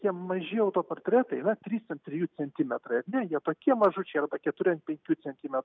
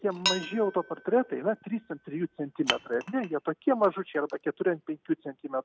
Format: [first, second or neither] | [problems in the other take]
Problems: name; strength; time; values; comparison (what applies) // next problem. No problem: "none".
first | background sound (Wood + Dishes, pots, and pans); 8 dB below the speech